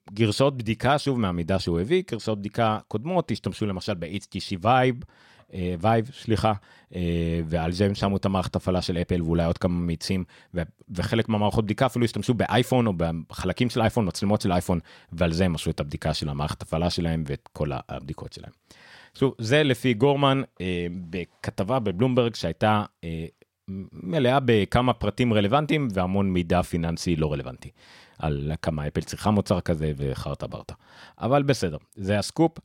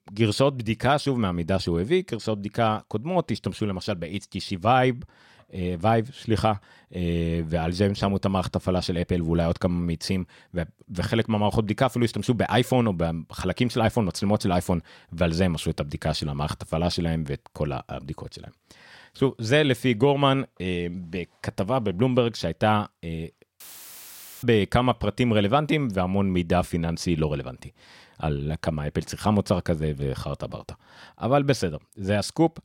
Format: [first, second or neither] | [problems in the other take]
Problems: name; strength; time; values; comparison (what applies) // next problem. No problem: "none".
first | audio cutting out; filled with static; at 24 s for 1 s